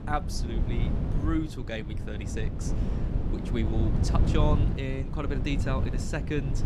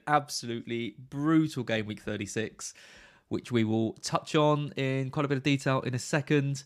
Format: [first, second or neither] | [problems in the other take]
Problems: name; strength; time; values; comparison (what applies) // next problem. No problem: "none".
second | wind noise on the microphone; heavy; 5 dB below the speech